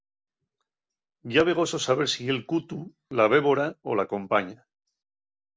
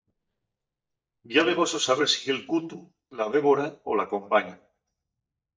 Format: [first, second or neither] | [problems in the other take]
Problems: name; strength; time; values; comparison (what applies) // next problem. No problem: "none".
first | noise reduction (neural mask model DeepFilterNet 3)